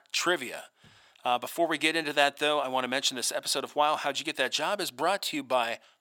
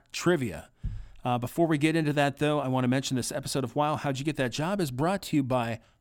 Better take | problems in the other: second | thin; somewhat; fading below 600 Hz

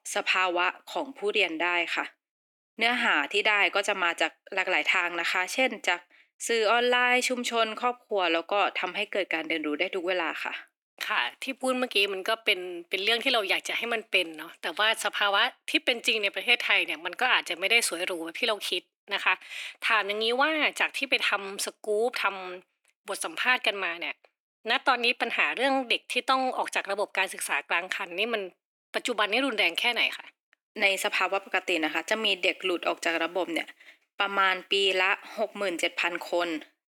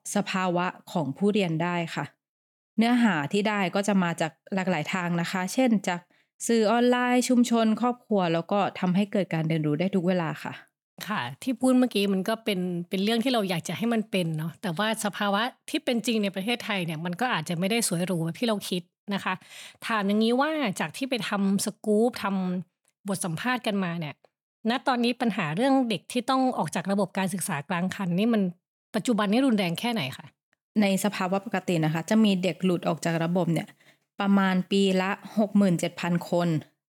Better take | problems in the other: second | thin; very; fading below 300 Hz

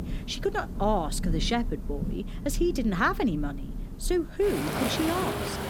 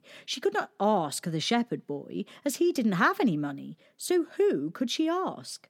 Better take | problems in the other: second | rain or running water; loud; throughout; 5 dB below the speech

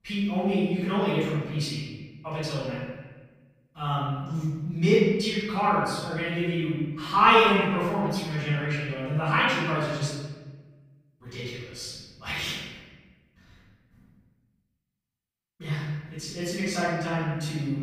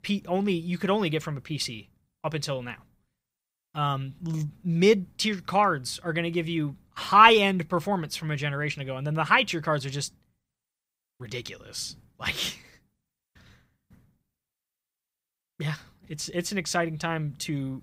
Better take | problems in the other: second | off-mic speech; far // room echo; strong; dies away in 1.3 s

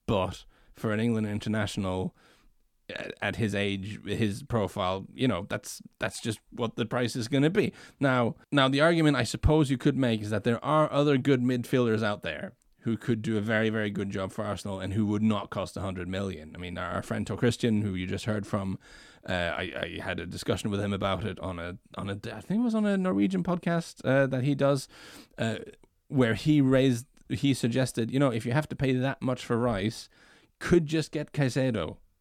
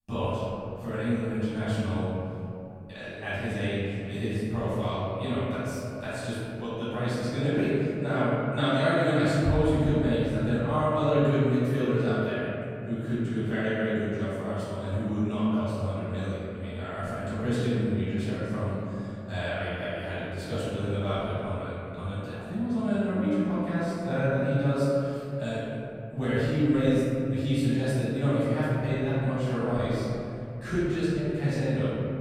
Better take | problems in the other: first | room echo; strong; dies away in 3 s // off-mic speech; far

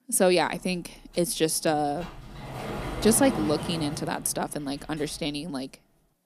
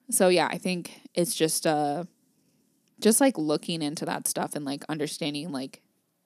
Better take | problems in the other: second | door banging; noticeable; until 5.5 s; peak 5 dB below the speech

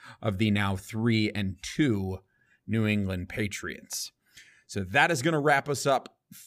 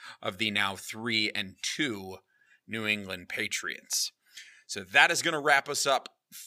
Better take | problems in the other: first | thin; somewhat; fading below 900 Hz

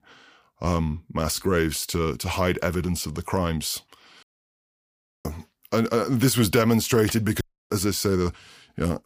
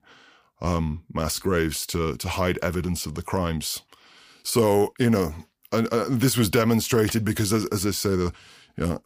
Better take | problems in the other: second | audio cutting out; at 4 s for 1 s and at 7.5 s

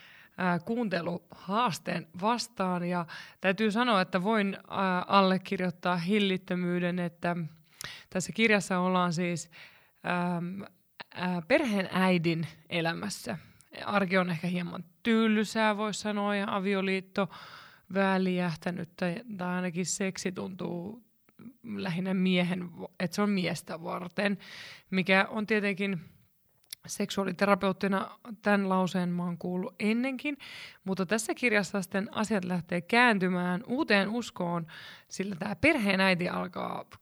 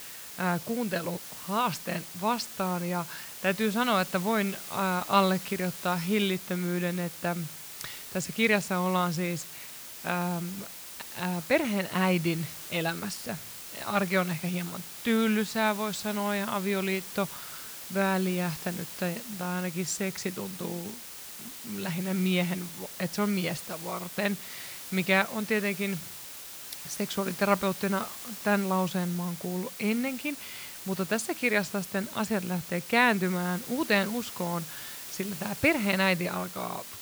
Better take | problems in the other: first | hiss; loud; throughout; 10 dB below the speech

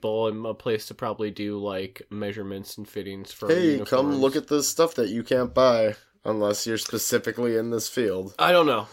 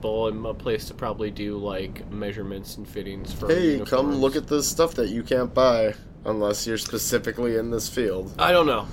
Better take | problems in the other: first | wind noise on the microphone; occasional gusts; 25 dB below the speech

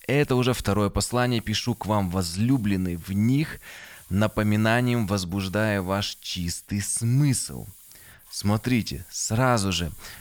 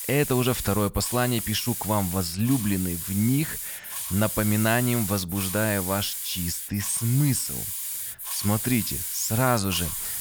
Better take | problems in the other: first | hiss; loud; throughout; 4 dB below the speech; faint in the first

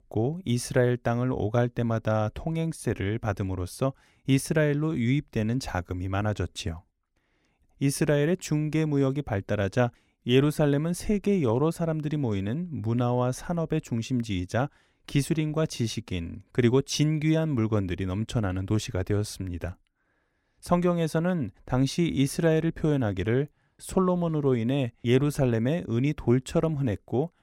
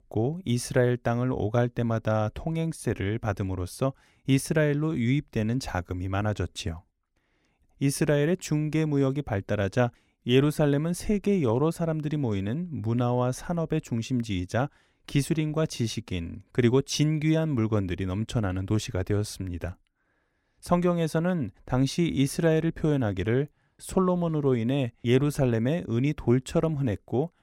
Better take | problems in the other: neither | none

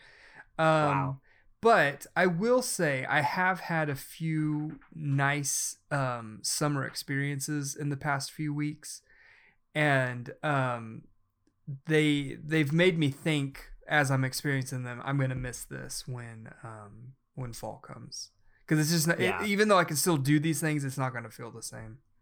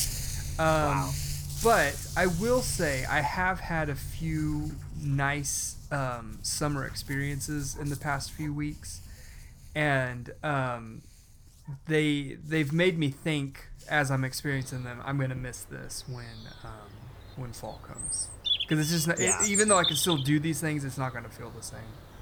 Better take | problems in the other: first | animal sounds; loud; throughout; 3 dB below the speech

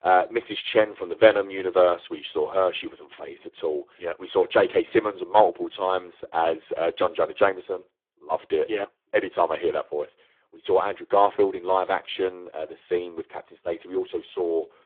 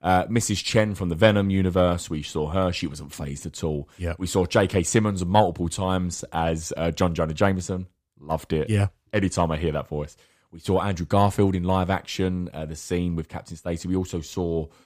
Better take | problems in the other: second | phone-call audio; poor line

